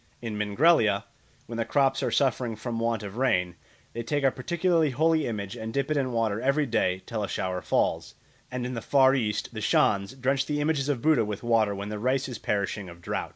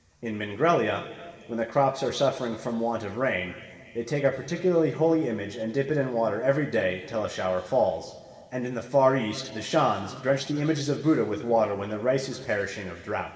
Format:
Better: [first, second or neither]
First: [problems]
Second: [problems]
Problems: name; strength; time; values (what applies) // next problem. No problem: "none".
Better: first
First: none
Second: room echo; dies away in 2.2 s